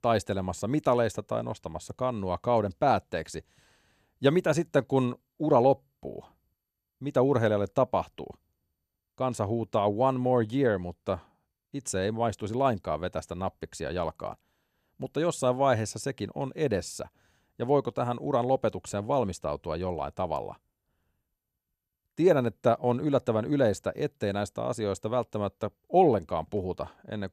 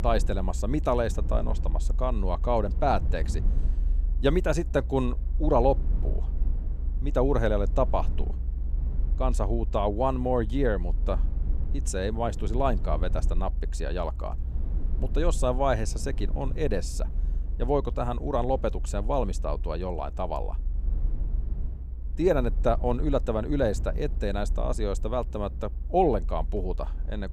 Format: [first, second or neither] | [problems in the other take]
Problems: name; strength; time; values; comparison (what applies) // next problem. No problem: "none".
first | low rumble; faint; throughout; 20 dB below the speech